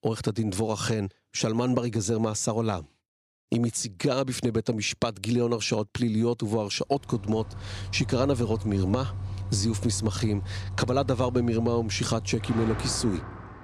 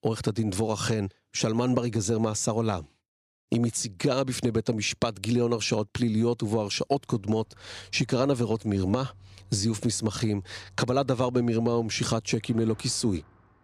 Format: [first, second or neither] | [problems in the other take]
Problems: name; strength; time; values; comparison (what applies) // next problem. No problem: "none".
second | traffic noise; loud; from 7 s on; 8 dB below the speech; faint in the second